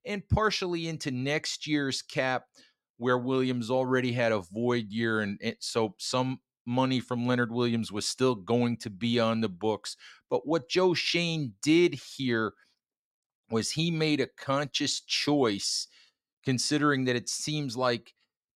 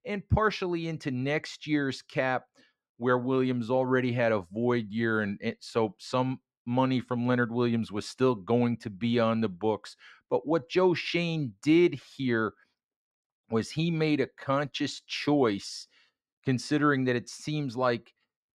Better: first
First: none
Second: muffled; slightly; fading above 3.5 kHz

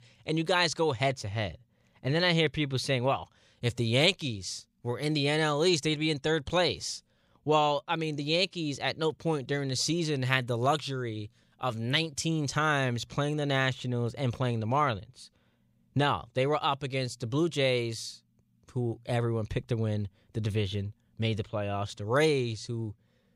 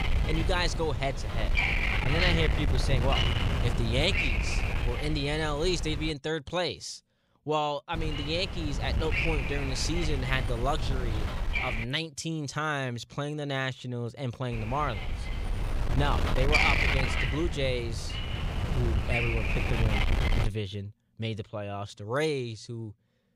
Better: first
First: none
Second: wind noise on the microphone; heavy; until 6 s, from 8 to 12 s and from 15 to 20 s; 1 dB above the speech

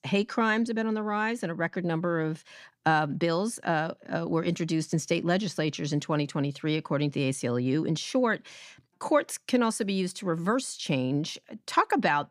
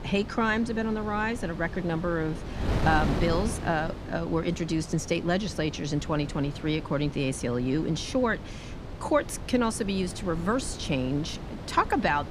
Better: first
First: none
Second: wind noise on the microphone; occasional gusts; 10 dB below the speech

